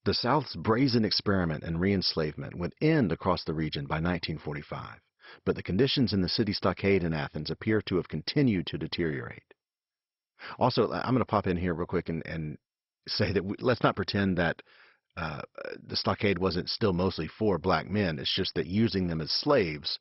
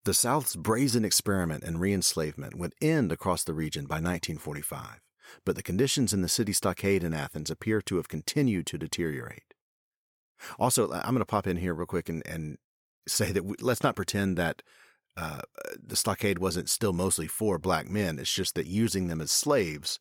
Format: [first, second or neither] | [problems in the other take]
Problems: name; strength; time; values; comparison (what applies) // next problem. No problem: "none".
second | garbled, watery; badly; nothing above 5.5 kHz